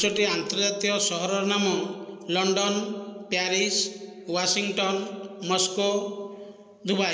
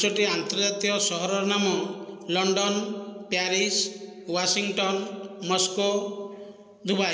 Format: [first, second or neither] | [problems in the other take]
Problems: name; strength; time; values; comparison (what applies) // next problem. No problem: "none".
second | noise reduction (neural mask model Resemble Enhance denoiser)